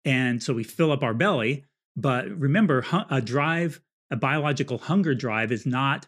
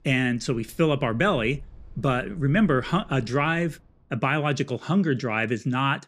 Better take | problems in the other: first | wind in the background; faint; until 3.5 s; 25 dB below the speech

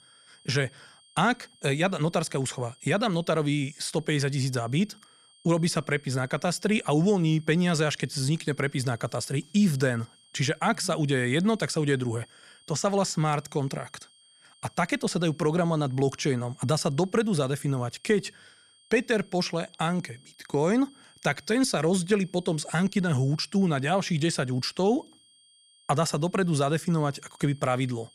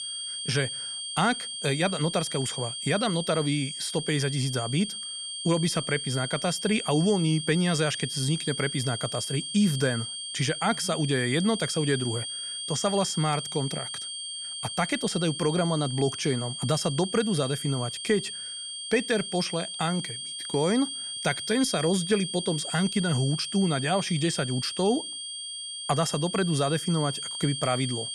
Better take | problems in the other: first | high-pitched whine; loud; throughout; 3 kHz, 5 dB below the speech; faint in the first

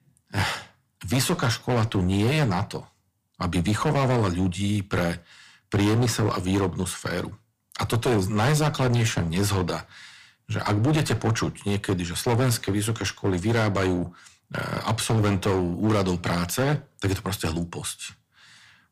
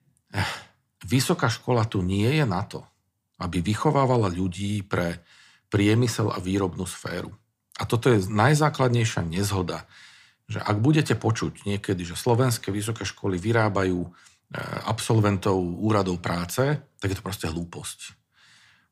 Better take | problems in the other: second | distortion; heavy; 14% of the sound clipped

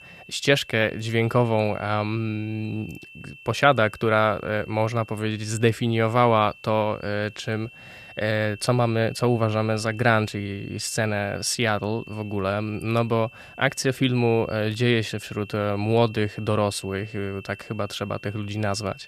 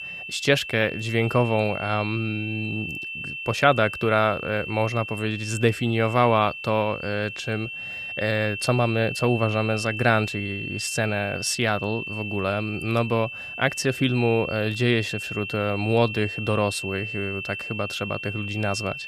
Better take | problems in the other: first | high-pitched whine; loud; throughout; 2.5 kHz, 7 dB below the speech; faint in the first

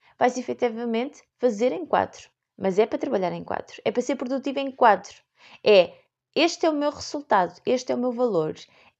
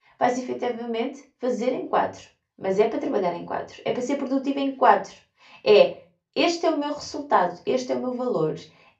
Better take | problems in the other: first | off-mic speech; far // room echo; very slight; dies away in 0.2 s

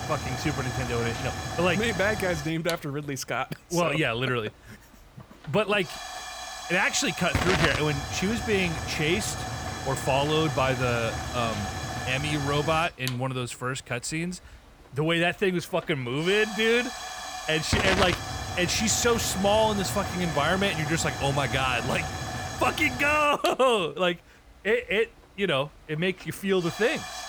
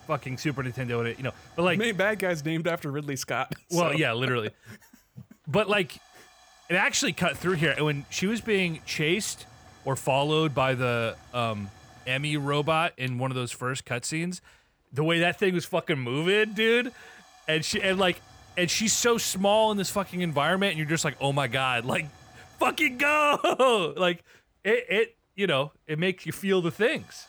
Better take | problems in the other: second | hiss; loud; throughout; 6 dB below the speech; faint in the second

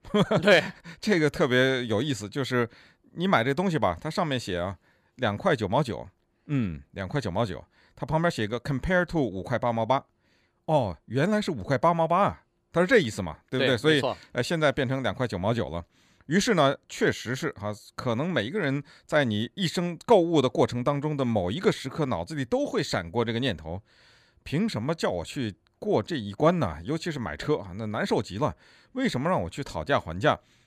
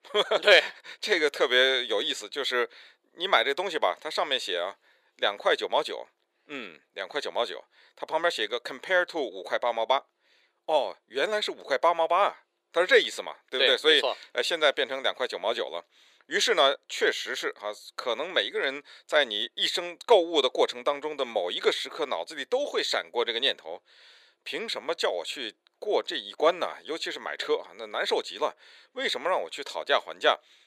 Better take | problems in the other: first | thin; very; fading below 400 Hz

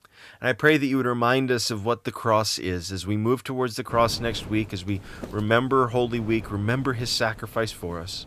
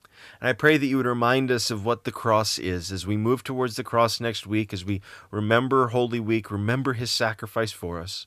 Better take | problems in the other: second | wind noise on the microphone; occasional gusts; from 4 s on; 20 dB below the speech

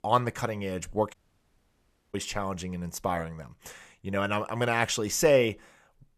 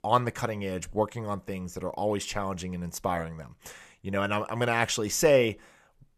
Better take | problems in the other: second | audio cutting out; at 1 s for 1 s

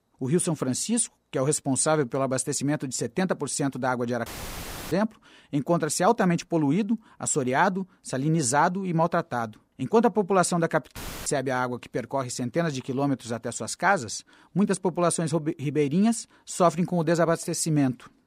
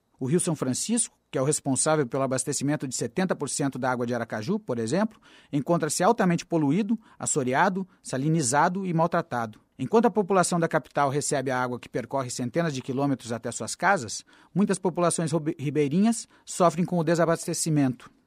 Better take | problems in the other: second | audio cutting out; filled with static; at 4.5 s for 0.5 s and at 11 s

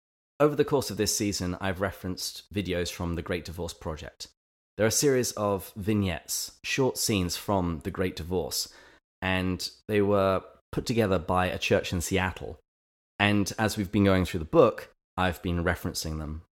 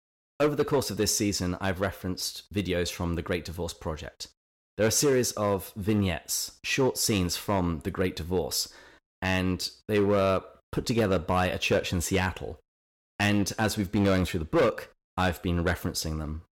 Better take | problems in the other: first | distortion; slight; 4% of the sound clipped

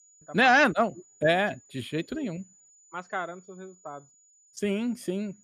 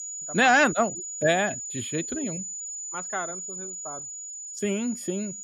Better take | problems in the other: first | high-pitched whine; loud; throughout; 7 kHz, 8 dB below the speech; faint in the first

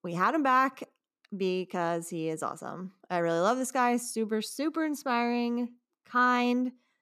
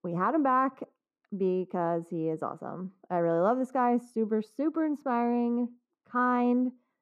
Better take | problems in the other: first | muffled; very; fading above 2 kHz

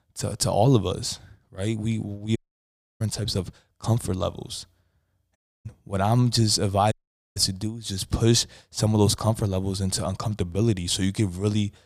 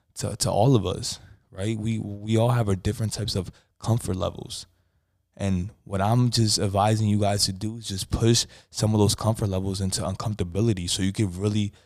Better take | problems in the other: second | audio cutting out; at 2.5 s for 0.5 s, at 5.5 s and at 7 s

